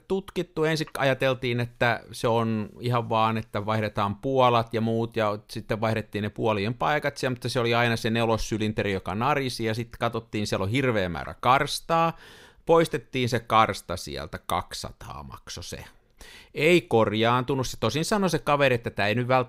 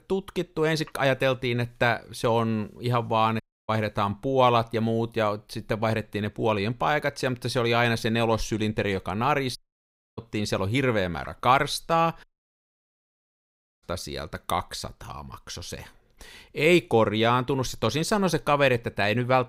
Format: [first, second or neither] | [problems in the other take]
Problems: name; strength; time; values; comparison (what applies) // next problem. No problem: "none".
first | audio cutting out; at 3.5 s, at 9.5 s for 0.5 s and at 12 s for 1.5 s